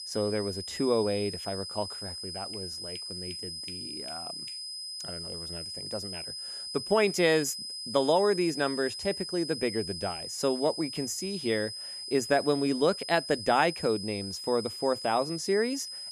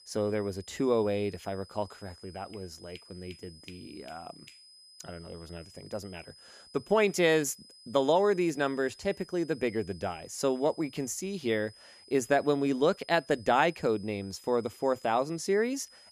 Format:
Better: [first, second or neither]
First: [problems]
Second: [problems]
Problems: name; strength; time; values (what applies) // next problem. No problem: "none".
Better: second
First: high-pitched whine; loud; throughout; 5 kHz, 7 dB below the speech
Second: high-pitched whine; faint; throughout; 5 kHz, 25 dB below the speech